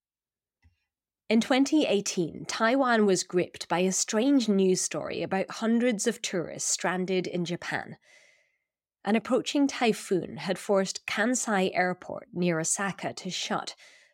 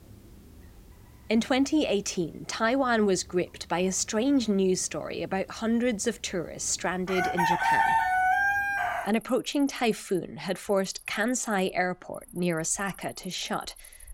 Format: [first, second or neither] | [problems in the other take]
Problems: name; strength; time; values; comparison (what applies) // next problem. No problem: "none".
first | animal sounds; very loud; throughout; 2 dB above the speech